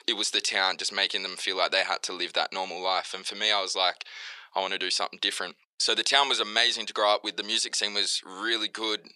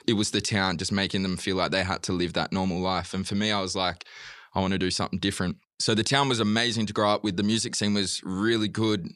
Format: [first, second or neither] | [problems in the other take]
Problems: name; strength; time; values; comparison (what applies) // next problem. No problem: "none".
second | thin; very; fading below 450 Hz